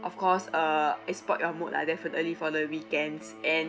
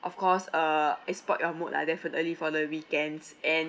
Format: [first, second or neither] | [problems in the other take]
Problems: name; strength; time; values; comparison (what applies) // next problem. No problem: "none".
second | background sound (Electric guitar); 18 dB below the speech